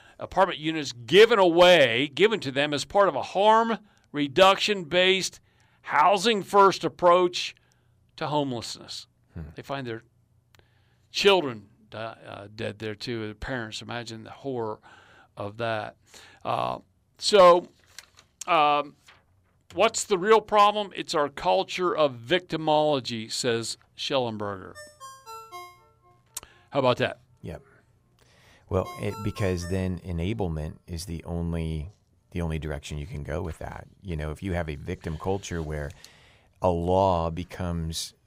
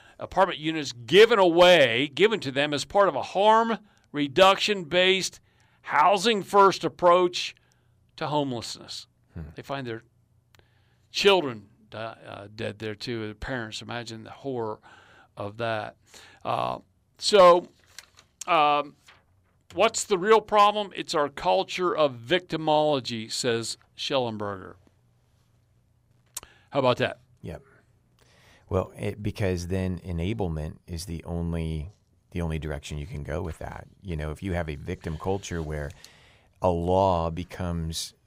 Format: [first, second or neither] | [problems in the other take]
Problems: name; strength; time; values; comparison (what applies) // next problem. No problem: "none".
second | phone ringing; faint; from 25 to 30 s; peak 15 dB below the speech